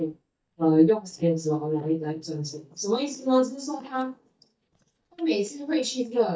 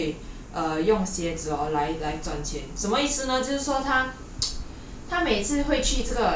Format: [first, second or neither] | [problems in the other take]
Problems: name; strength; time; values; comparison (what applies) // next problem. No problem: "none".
second | noise reduction (neural mask model DeepFilterNet 3)